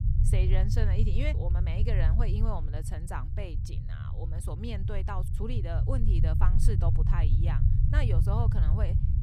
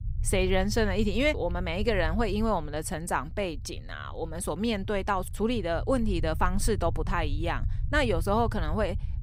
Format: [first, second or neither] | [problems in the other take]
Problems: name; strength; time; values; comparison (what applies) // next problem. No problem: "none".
second | low rumble; loud; throughout; 4 dB below the speech; faint in the second